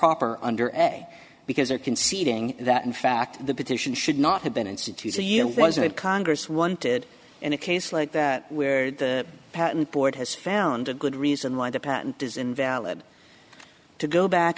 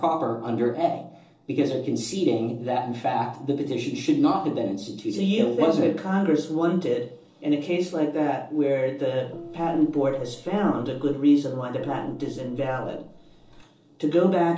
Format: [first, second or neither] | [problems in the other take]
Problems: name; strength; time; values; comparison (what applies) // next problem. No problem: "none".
first | noise reduction (neural separator model SepFormer DNS4)